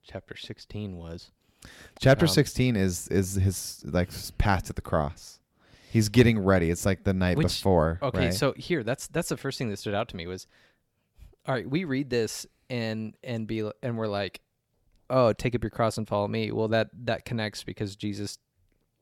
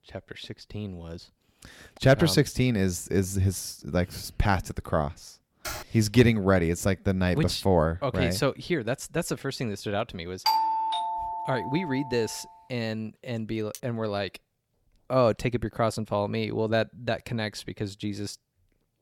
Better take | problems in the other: first | keyboard typing; noticeable; at 5.5 s; peak 9 dB below the speech // doorbell; loud; from 10 to 12 s; peak 3 dB above the speech // clattering dishes; faint; at 14 s; peak 20 dB below the speech

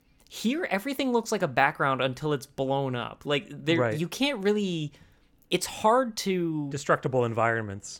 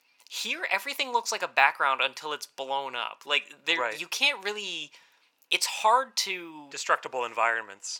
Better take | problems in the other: first | thin; very; fading below 800 Hz

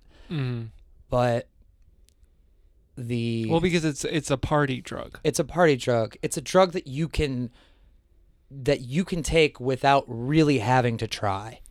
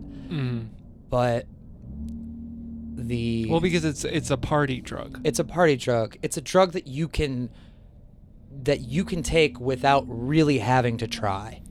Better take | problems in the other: first | low rumble; faint; throughout; 20 dB below the speech

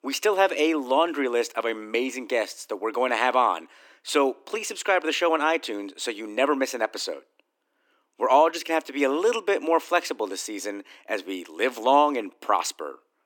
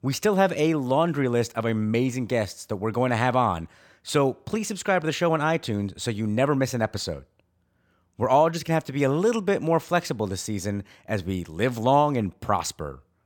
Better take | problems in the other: second | thin; somewhat; fading below 300 Hz

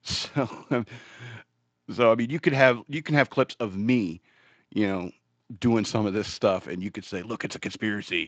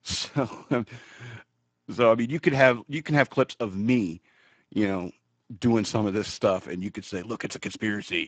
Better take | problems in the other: first | garbled, watery; badly; nothing above 8 kHz; slightly in the first

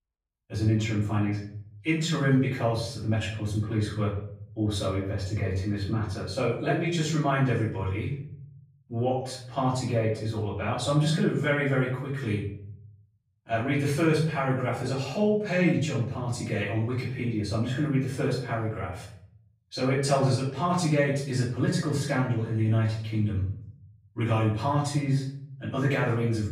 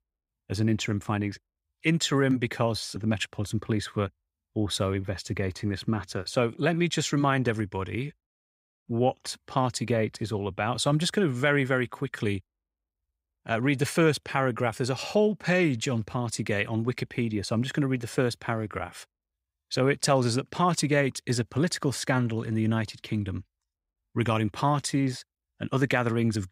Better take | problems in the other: second | off-mic speech; far // room echo; noticeable; dies away in 0.7 s

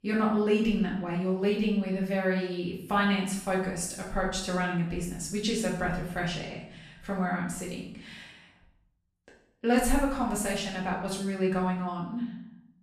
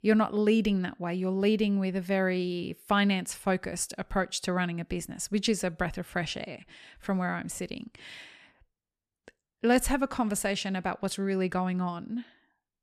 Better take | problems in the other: second | off-mic speech; far // room echo; noticeable; dies away in 0.7 s

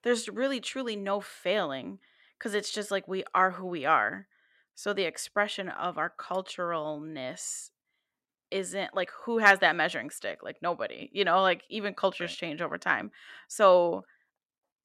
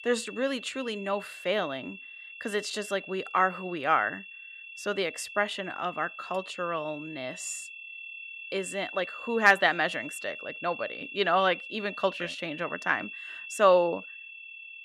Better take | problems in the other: first | high-pitched whine; noticeable; throughout; 2.5 kHz, 10 dB below the speech

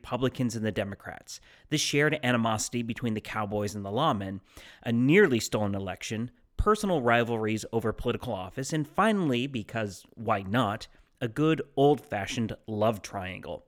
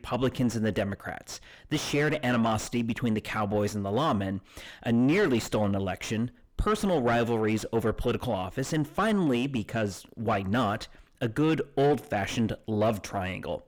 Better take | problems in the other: first | distortion; heavy; 6 dB below the speech

